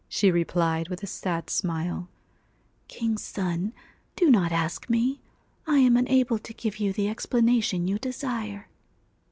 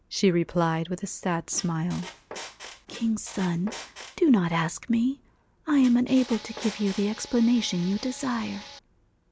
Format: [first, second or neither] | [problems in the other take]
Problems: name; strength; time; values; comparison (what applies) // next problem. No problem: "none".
first | background sound (Squeak + Tools); 16 dB below the speech